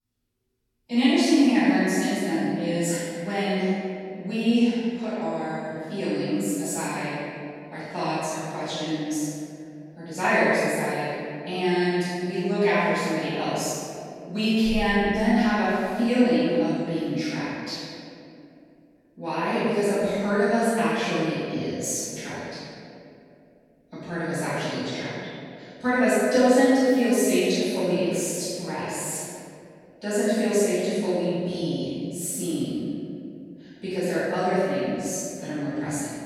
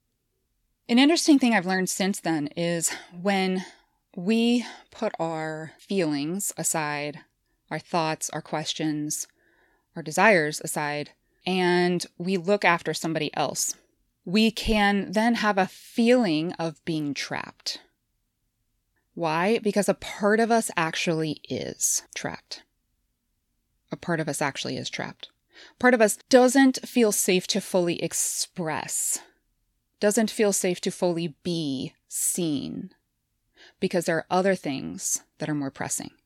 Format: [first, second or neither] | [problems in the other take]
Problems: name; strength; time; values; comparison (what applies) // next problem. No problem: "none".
second | room echo; strong; dies away in 2.3 s // off-mic speech; far